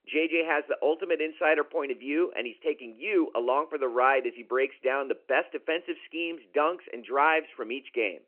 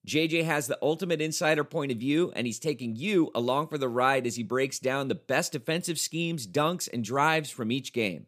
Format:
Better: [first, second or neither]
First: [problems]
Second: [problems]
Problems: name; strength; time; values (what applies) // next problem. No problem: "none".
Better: second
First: phone-call audio; nothing above 2.5 kHz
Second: none